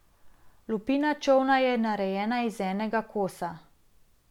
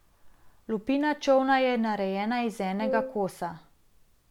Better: first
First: none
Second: background sound (Wind instrument, woodwind instrument); 5 dB below the speech

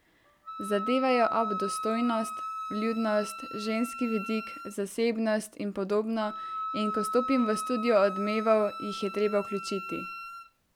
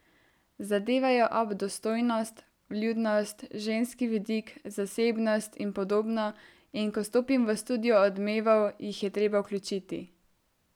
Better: second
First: background sound (Wind instrument, woodwind instrument); 8 dB below the speech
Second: none

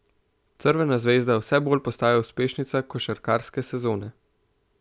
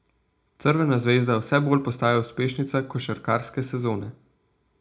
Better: first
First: none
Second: room echo; dies away in 0.2 s

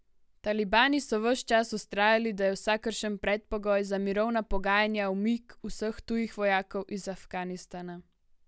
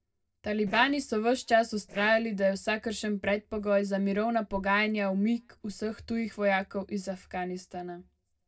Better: first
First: none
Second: noise reduction (neural separator model SepFormer DNS4)

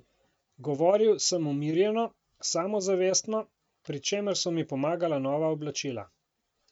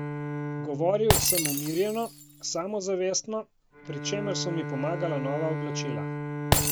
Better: first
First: none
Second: background sound (Shatter + Bowed string instrument); as loud as the speech

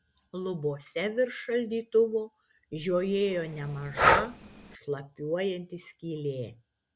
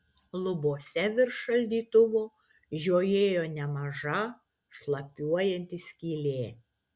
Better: second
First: background sound (Breathing); 2 dB above the speech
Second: none

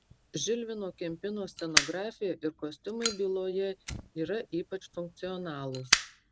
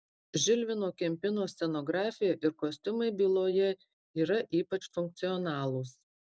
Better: second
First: background sound (Fire); 1 dB below the speech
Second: none

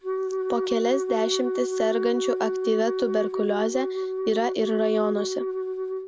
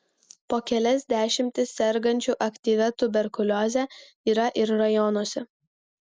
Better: second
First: background sound (Wind instrument, woodwind instrument); 1 dB below the speech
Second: none

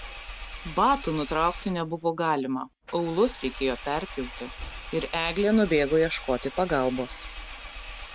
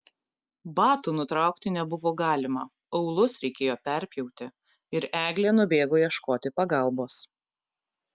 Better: second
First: background sound (Engine); 13 dB below the speech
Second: none

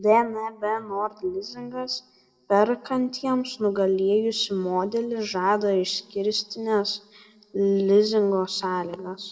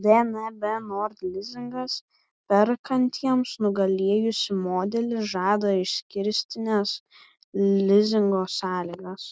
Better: second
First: room echo; dies away in 1.6 s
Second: none

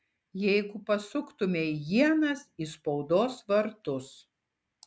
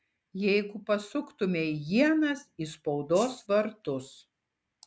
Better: first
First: none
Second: background sound (Rattle (instrument)); 16 dB below the speech

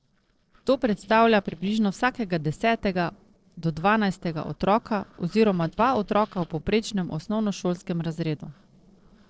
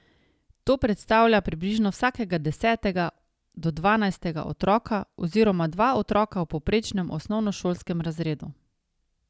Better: second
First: noise reduction (neural separator model SepFormer DNS4)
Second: none

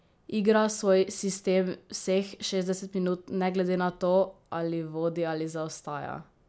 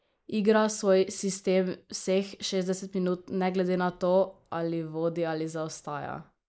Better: first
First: none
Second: noise reduction (neural mask model Resemble Enhance denoiser)

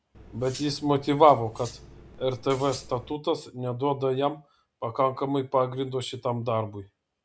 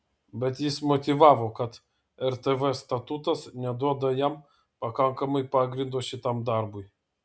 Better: second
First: background sound (Cutlery, silverware); 18 dB below the speech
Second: none

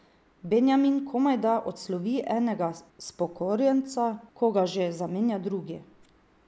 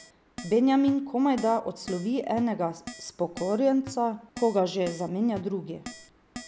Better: first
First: none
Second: background sound (Keyboard (musical)); 18 dB below the speech

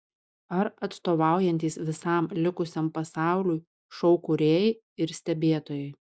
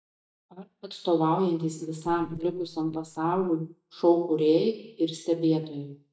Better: first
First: none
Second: noise reduction (neural mask model DeepFilterNet 3)

